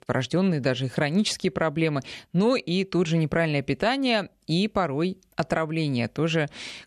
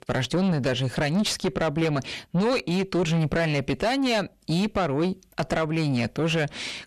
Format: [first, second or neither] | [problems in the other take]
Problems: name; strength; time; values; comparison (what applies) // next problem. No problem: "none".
first | distortion; heavy; 6 dB below the speech